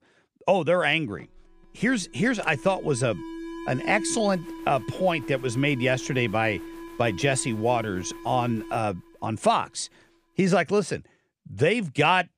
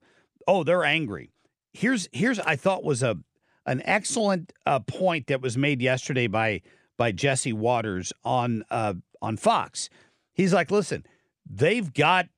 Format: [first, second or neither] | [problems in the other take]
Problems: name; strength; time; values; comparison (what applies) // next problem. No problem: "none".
second | alarm; noticeable; from 1 to 9 s; peak 7 dB below the speech